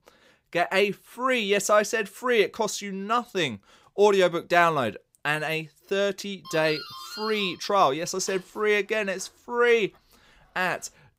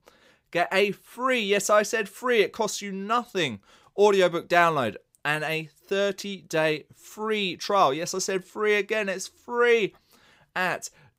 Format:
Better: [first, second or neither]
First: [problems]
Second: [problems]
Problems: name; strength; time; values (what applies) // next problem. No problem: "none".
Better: second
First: doorbell; faint; from 6.5 to 10 s; peak 10 dB below the speech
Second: none